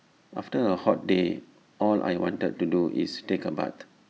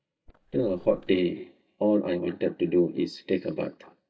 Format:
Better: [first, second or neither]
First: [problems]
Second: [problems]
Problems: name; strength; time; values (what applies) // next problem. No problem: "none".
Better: first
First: none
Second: noise reduction (neural mask model DeepFilterNet 3)